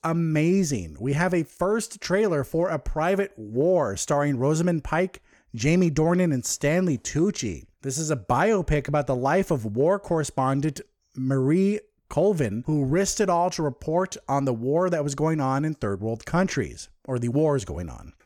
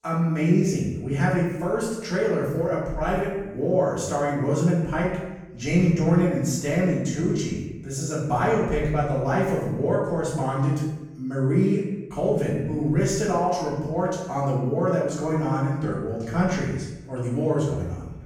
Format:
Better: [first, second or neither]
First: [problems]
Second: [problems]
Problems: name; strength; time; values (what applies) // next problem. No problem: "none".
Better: first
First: none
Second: off-mic speech; far // room echo; noticeable; dies away in 0.9 s